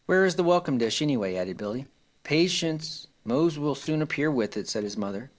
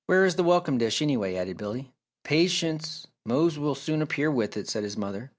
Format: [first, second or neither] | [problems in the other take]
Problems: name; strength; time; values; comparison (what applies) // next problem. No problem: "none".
second | noise reduction (neural separator model SepFormer DNS4)